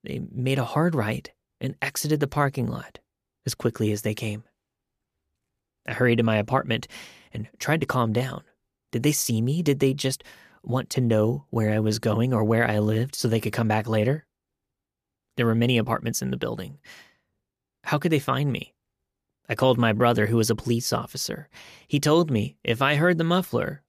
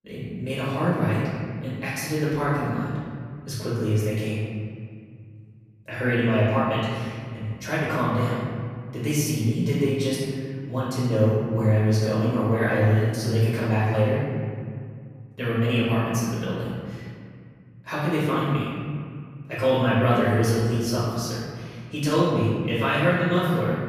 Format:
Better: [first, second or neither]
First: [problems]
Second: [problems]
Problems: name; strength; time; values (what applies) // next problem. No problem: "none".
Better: first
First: none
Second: room echo; strong; dies away in 2.1 s // off-mic speech; far